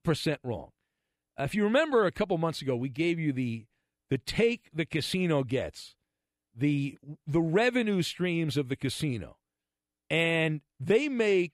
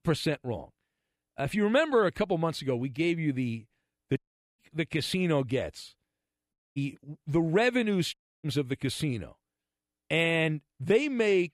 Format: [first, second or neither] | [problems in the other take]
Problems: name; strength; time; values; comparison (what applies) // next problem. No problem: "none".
first | audio cutting out; at 4 s, at 6.5 s and at 8 s